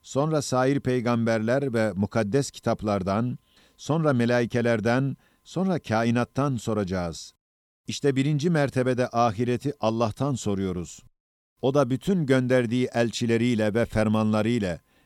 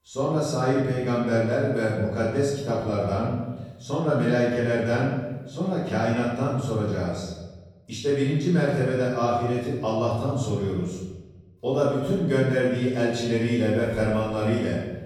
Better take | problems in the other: first | off-mic speech; far // room echo; noticeable; dies away in 1.1 s

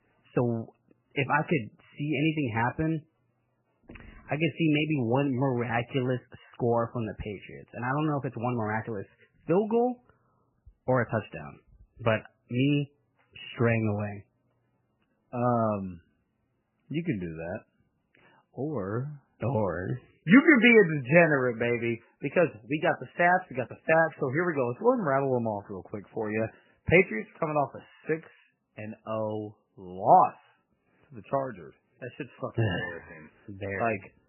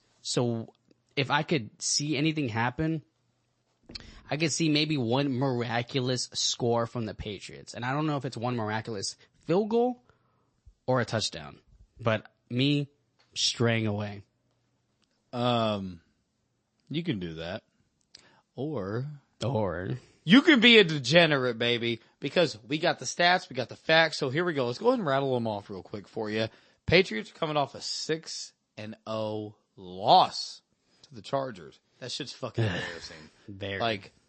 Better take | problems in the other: second | garbled, watery; badly; nothing above 3 kHz; slightly in the second

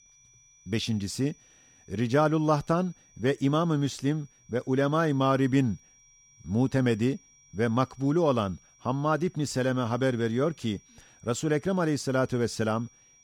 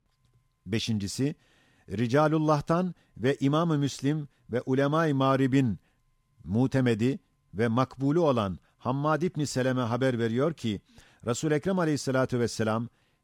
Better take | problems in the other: second | high-pitched whine; faint; throughout; 5.5 kHz, 30 dB below the speech

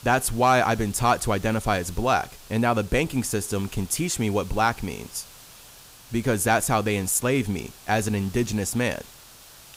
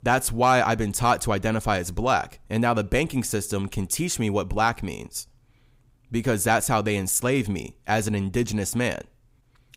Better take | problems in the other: second | hiss; faint; throughout; 20 dB below the speech

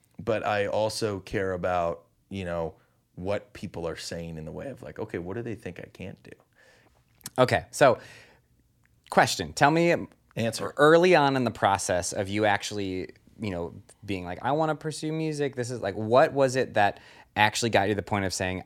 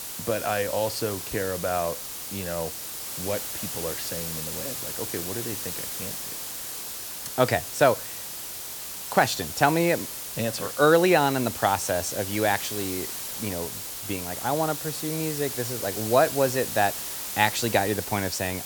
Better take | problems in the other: first | hiss; loud; throughout; 5 dB below the speech

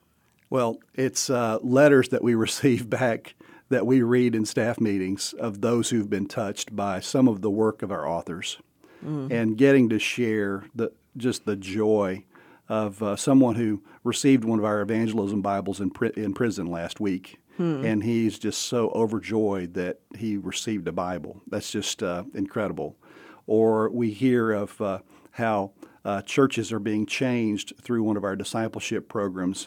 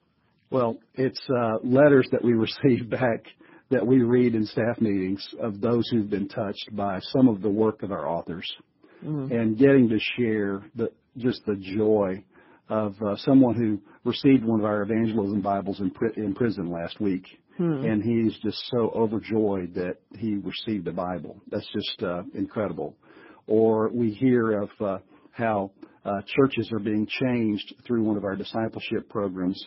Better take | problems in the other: first | garbled, watery; badly; nothing above 5.5 kHz

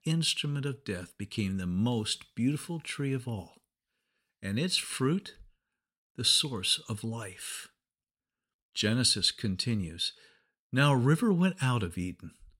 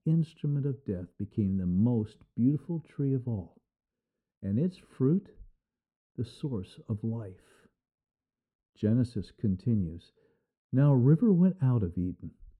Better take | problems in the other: first | muffled; very; fading above 1 kHz

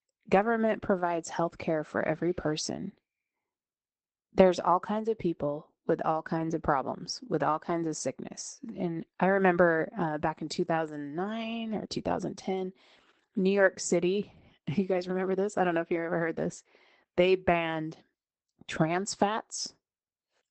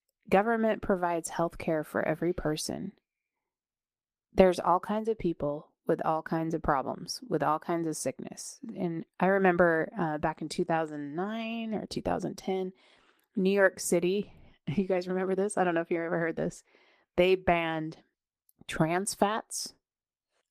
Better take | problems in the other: second | garbled, watery; badly; nothing above 8 kHz; slightly in the second

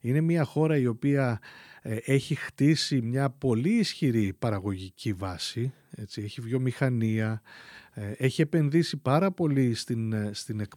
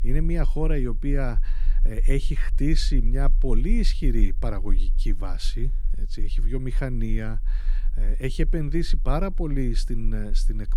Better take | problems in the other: first | low rumble; faint; throughout; 25 dB below the speech

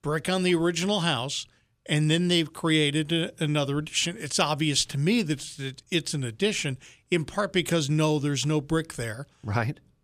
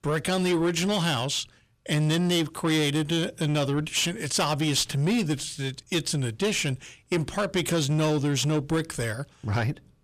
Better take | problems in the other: first | distortion; slight; 10 dB below the speech

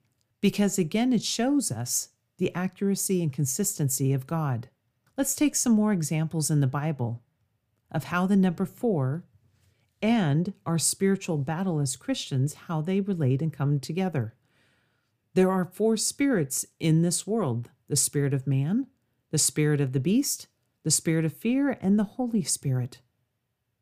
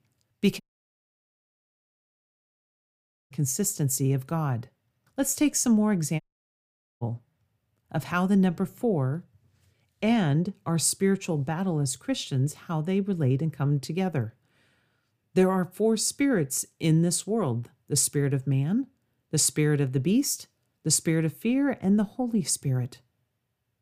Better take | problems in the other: first | audio cutting out; at 0.5 s for 2.5 s and at 6 s for 1 s

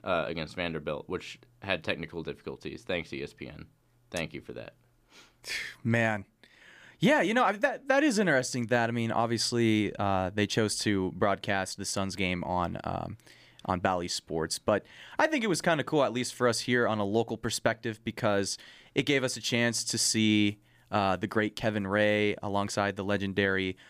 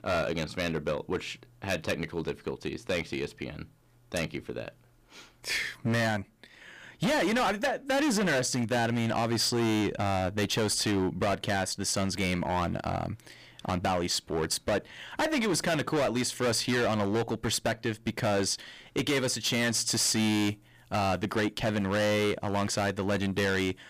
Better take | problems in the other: first | distortion; heavy; 16% of the sound clipped

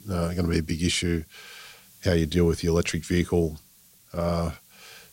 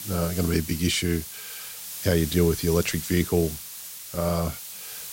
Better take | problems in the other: first | hiss; loud; throughout; 9 dB below the speech; faint in the first

